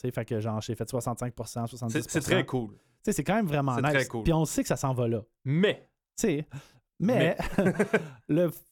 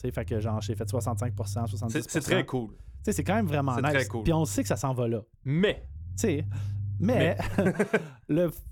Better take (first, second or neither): first